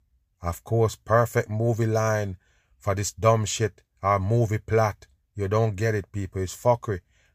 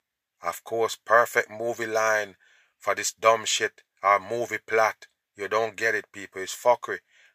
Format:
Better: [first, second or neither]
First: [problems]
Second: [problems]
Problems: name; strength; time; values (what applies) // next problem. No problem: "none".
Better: first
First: none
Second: thin; very; fading below 500 Hz